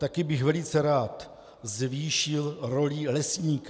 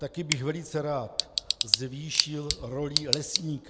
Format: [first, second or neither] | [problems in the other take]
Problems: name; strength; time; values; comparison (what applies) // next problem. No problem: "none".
first | background sound (Tick / Bicycle); 2 dB above the speech